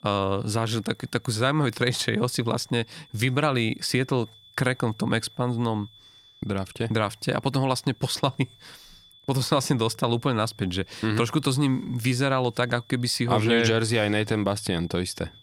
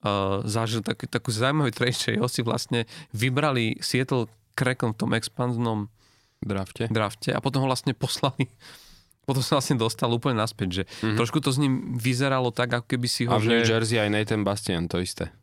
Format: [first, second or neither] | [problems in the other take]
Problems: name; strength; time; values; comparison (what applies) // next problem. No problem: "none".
second | high-pitched whine; faint; throughout; 3.5 kHz, 25 dB below the speech